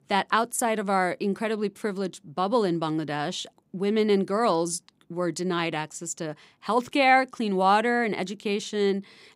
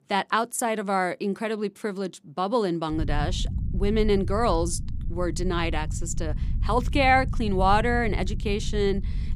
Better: first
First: none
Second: low rumble; faint; from 3 s on; 20 dB below the speech

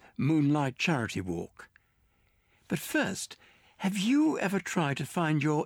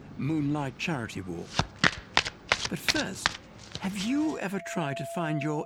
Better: first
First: none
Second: household noises; very loud; throughout; 2 dB above the speech

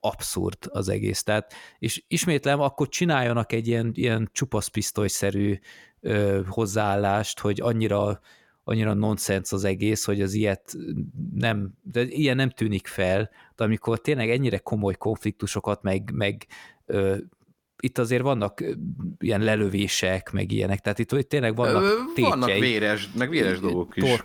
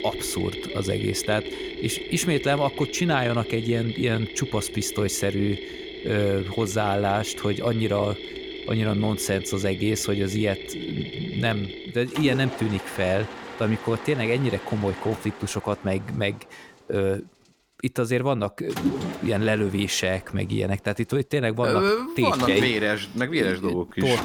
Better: first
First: none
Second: machinery noise; loud; throughout; 9 dB below the speech

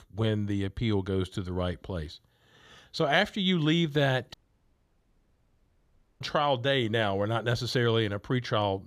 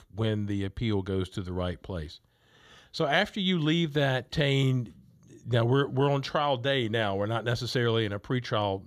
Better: second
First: audio cutting out; at 4.5 s for 2 s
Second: none

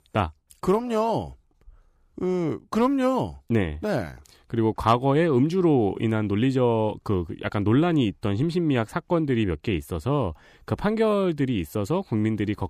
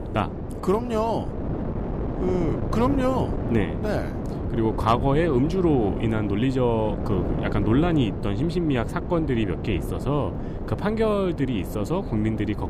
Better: first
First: none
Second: wind noise on the microphone; heavy; 8 dB below the speech

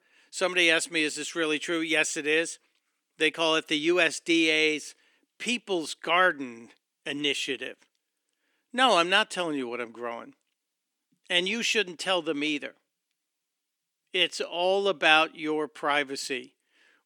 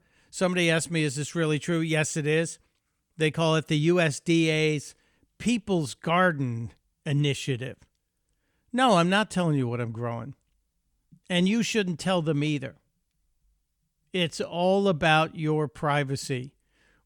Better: second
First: thin; somewhat; fading below 300 Hz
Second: none

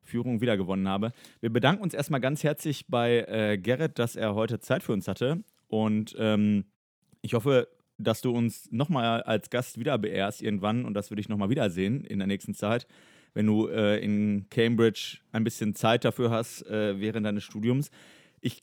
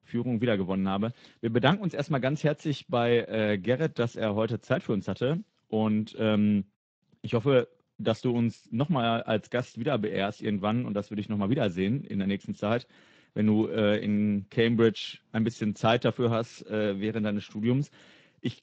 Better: first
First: none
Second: garbled, watery; slightly

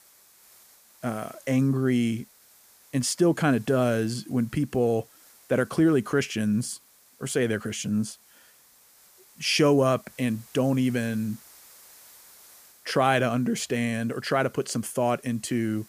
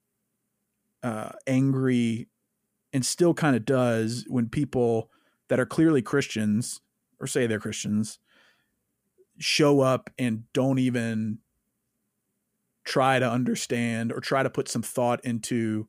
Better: second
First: hiss; faint; throughout; 25 dB below the speech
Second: none

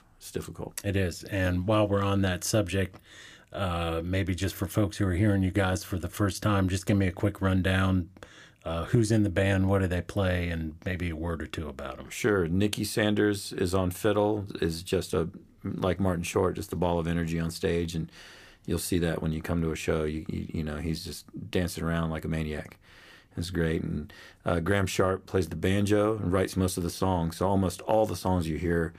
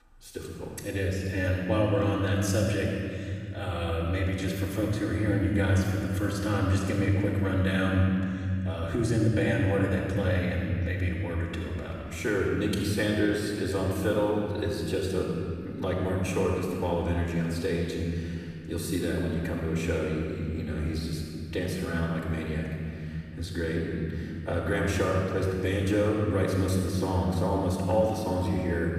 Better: first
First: none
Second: off-mic speech; far // room echo; strong; dies away in 2.9 s

